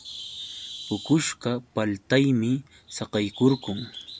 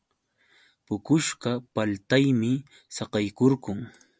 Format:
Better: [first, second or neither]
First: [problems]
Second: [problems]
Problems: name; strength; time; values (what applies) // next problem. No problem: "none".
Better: second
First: background sound (Bird); 16 dB below the speech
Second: none